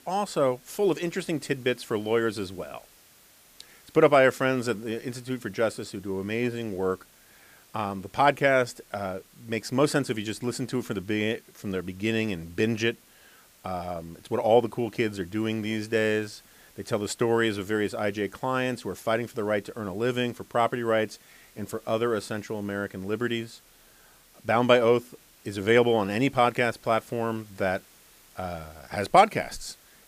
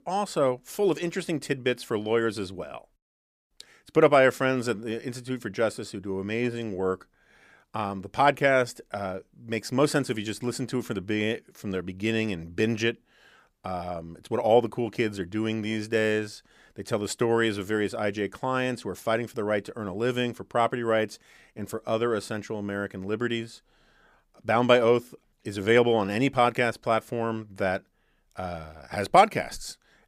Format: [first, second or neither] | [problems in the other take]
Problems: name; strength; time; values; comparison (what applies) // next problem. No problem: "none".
second | hiss; faint; throughout; 25 dB below the speech